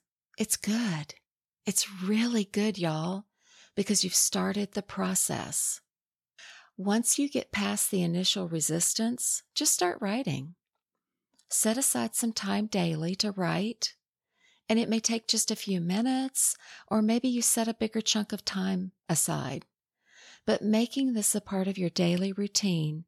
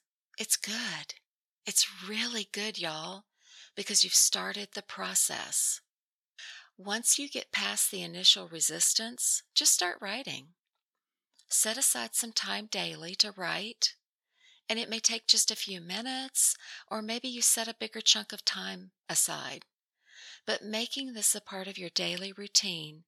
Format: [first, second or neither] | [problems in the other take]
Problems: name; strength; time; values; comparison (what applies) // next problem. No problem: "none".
first | thin; somewhat; fading below 1 kHz